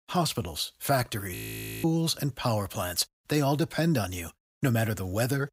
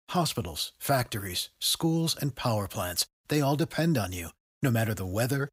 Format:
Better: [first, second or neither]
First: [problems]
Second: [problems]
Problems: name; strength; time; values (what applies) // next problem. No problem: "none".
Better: second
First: audio freezing; at 1.5 s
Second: none